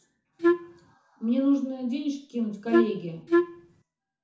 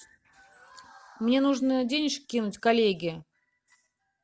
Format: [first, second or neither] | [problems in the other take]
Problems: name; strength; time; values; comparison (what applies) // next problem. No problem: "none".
second | background sound (Wind instrument, woodwind instrument); 5 dB above the speech // room echo; dies away in 0.6 s